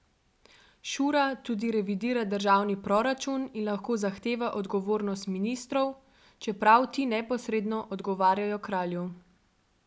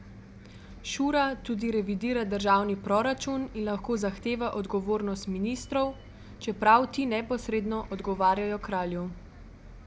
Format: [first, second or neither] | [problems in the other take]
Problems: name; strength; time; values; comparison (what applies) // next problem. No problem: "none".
first | background sound (Bus); 17 dB below the speech